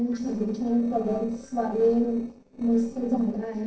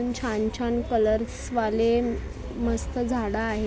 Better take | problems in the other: second | noise reduction (neural separator model SepFormer DNS4)

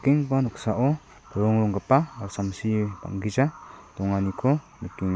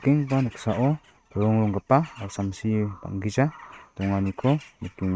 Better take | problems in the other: first | noise reduction (neural mask model RNNoise)

